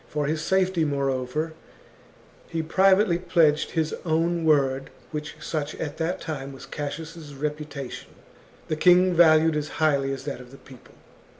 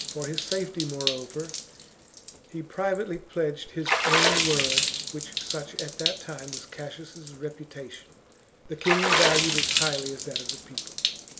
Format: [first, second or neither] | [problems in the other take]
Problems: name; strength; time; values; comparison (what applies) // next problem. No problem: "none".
first | background sound (Water / Splash, splatter); 3 dB above the speech